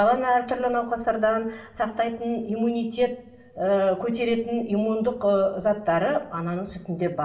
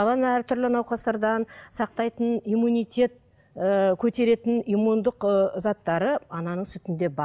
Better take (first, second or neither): second